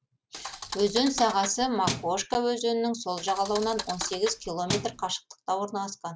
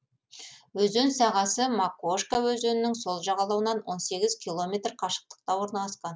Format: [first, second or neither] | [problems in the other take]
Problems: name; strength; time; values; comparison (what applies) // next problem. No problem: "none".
second | background sound (Thump, thud); 8 dB below the speech